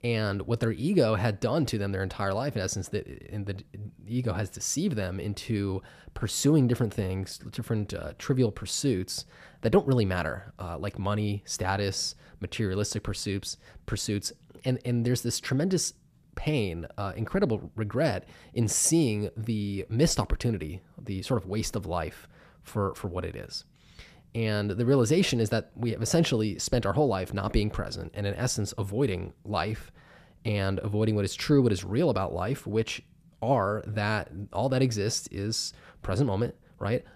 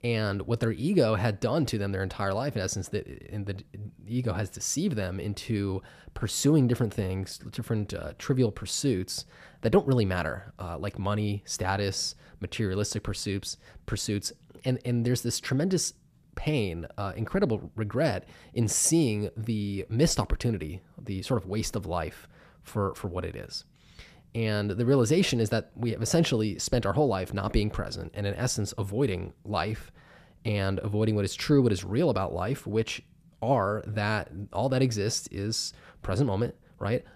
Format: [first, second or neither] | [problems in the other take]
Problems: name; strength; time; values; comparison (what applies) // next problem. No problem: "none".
neither | none